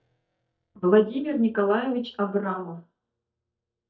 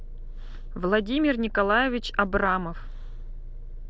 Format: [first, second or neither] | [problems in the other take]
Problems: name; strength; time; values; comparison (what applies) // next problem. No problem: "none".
second | noise reduction (neural mask model DeepFilterNet 3)